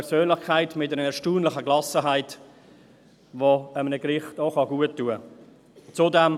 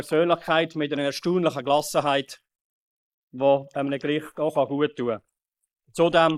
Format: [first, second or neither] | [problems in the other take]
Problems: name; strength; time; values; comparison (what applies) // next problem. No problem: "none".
first | noise reduction (neural mask model Resemble Enhance denoiser)